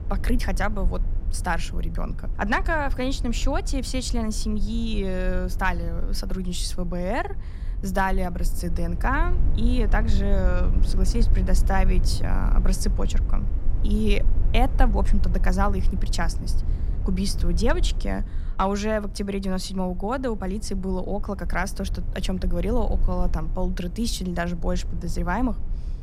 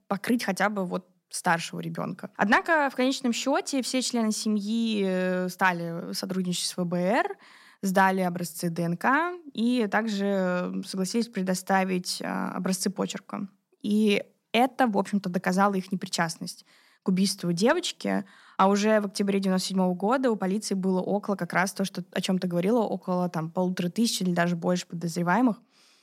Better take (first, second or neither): second